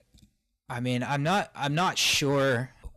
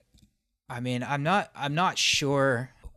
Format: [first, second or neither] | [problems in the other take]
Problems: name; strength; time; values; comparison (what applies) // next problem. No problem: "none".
second | distortion; slight; 8% of the sound clipped